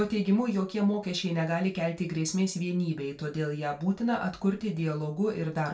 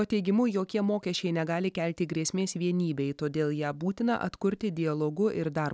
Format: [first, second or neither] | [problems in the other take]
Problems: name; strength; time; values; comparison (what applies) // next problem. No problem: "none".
second | room echo; dies away in 0.3 s